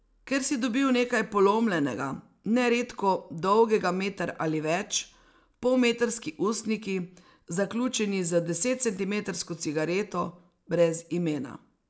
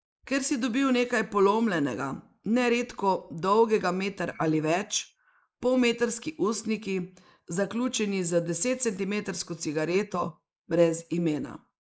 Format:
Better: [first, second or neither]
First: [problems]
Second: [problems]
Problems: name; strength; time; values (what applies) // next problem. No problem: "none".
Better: first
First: none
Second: noise reduction (neural mask model Resemble Enhance denoiser)